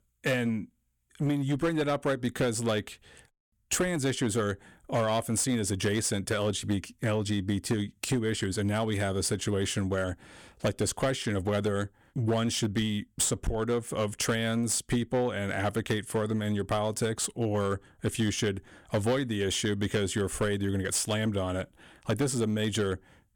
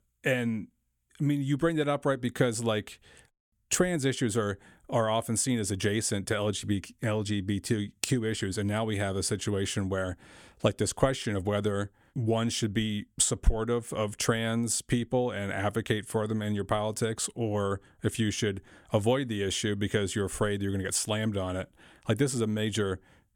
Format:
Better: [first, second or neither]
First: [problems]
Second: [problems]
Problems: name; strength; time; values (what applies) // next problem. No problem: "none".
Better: second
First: distortion; slight; 7% of the sound clipped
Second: none